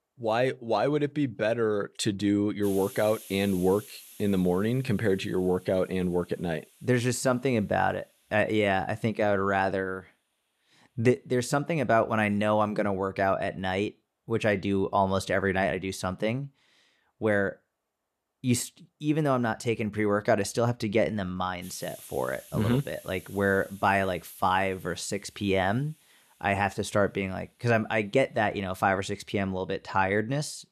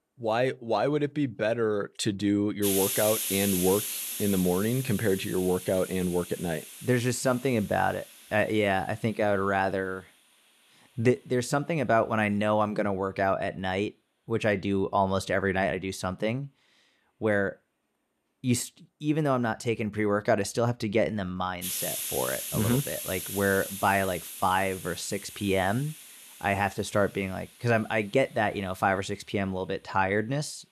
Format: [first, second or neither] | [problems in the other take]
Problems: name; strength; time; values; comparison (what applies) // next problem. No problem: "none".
first | hiss; loud; throughout; 6 dB below the speech; faint in the first